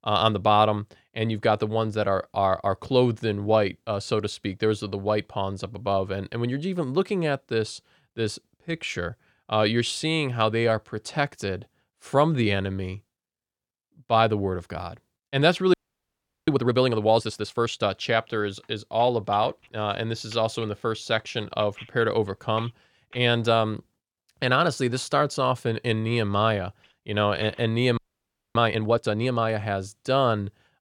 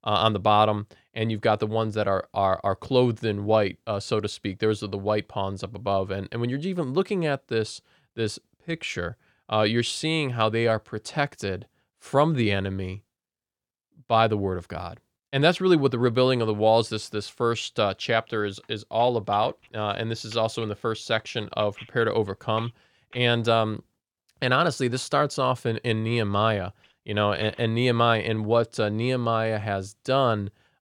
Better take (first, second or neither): second